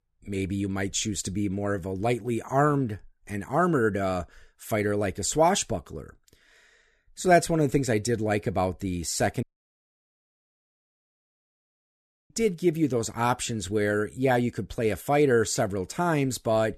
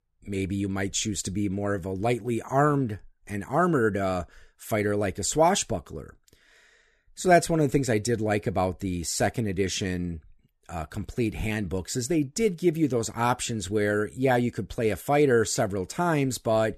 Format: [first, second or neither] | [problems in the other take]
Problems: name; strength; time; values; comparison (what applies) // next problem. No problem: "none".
second | audio cutting out; at 9.5 s for 3 s